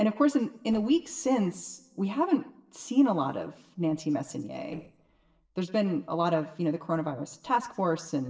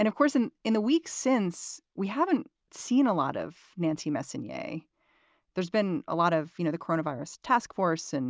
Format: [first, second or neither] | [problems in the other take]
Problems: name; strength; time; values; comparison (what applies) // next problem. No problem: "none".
second | noise reduction (neural separator model SepFormer DNS4)